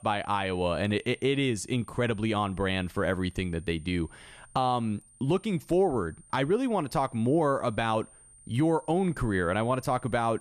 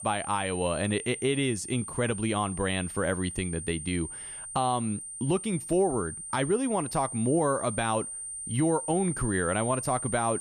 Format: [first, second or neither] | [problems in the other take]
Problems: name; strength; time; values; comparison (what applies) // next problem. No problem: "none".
first | high-pitched whine; loud; throughout; 9 kHz, 7 dB below the speech; faint in the first